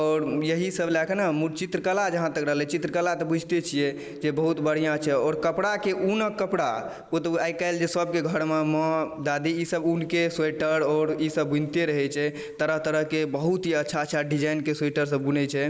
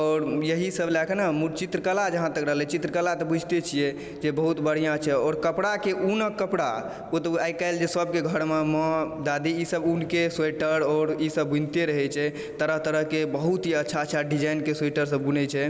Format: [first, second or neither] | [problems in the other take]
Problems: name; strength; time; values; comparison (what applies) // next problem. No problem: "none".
second | noise reduction (neural mask model Resemble Enhance denoiser)